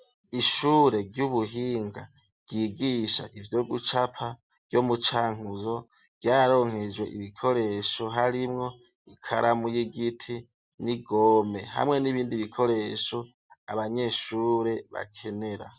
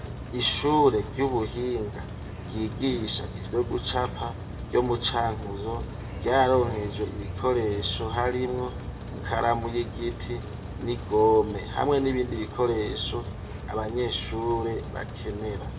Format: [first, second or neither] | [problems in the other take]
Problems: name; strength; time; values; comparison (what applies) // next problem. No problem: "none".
first | background sound (Rain); 8 dB below the speech // room echo; dies away in 0.7 s